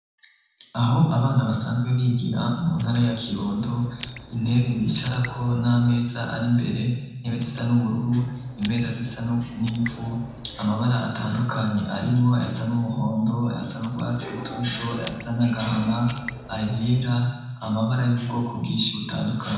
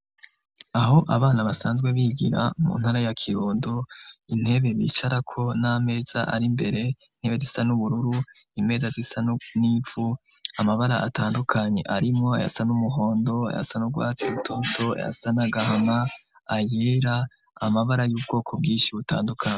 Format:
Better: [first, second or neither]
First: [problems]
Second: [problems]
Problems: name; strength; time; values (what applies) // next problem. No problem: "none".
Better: second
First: background sound (Raindrop); 18 dB below the speech // room echo; dies away in 1 s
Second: none